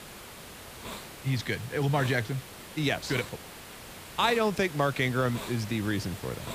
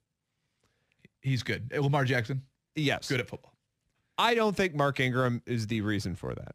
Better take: second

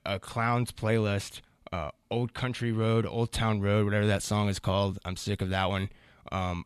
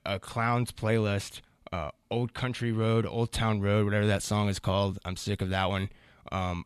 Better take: neither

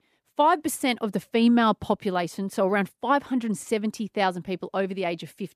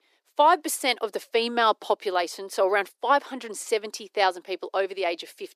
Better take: first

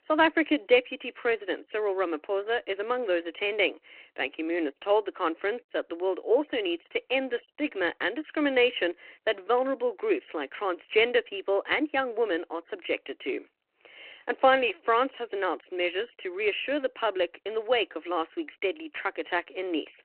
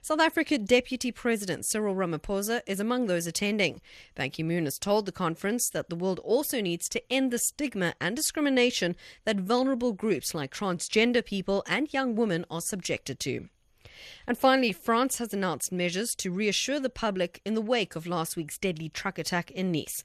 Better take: second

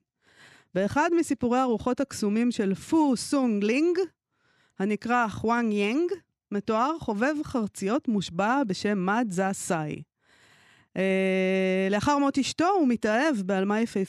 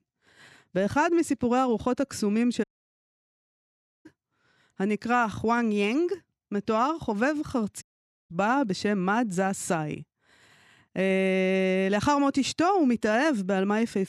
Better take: first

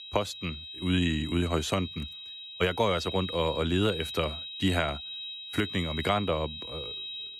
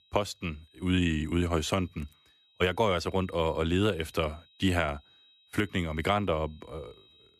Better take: second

